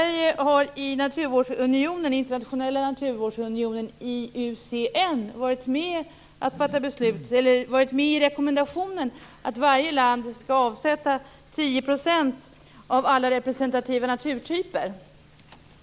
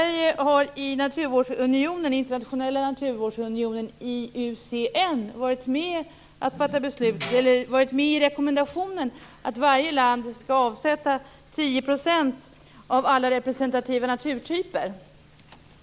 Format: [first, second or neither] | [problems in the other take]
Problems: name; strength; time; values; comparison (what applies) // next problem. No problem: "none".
first | background sound (Tambourine); 15 dB below the speech